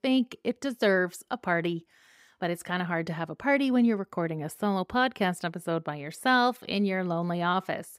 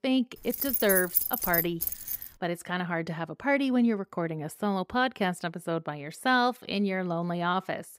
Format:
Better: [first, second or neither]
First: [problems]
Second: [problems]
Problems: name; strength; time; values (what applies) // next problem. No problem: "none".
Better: first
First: none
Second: jangling keys; loud; from 0.5 to 2 s; peak 4 dB above the speech